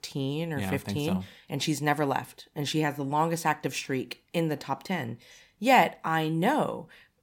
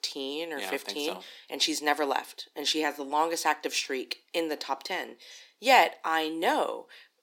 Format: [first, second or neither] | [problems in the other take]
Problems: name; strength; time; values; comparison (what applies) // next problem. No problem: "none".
first | thin; somewhat; fading below 300 Hz